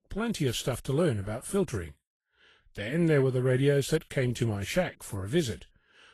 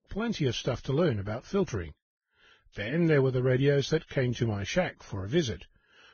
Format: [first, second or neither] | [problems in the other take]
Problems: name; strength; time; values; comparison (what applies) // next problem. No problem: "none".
first | garbled, watery; badly; nothing above 6.5 kHz; slightly in the first